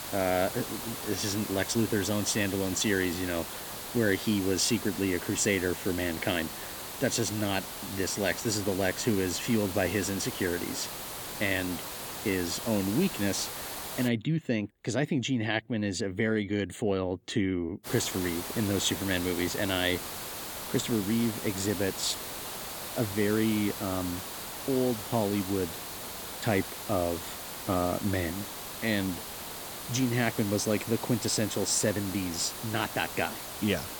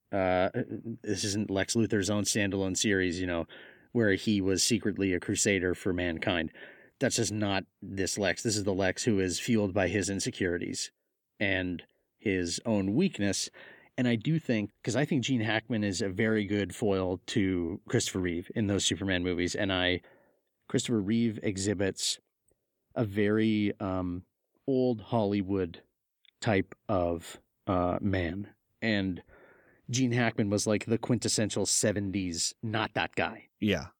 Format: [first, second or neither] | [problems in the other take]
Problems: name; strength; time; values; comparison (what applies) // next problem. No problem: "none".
second | hiss; loud; until 14 s and from 18 s on; 7 dB below the speech